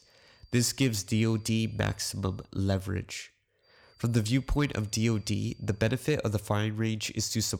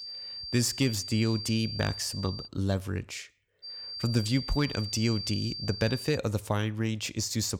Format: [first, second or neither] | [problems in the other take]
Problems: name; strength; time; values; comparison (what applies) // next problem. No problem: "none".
first | high-pitched whine; loud; until 2.5 s and from 3.5 to 6 s; 4.5 kHz, 7 dB below the speech; faint in the first